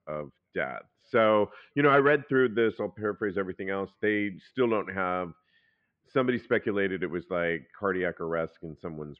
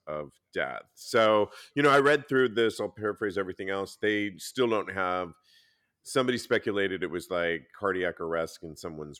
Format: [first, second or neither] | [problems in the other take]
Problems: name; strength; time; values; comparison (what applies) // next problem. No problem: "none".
second | muffled; very; fading above 2.5 kHz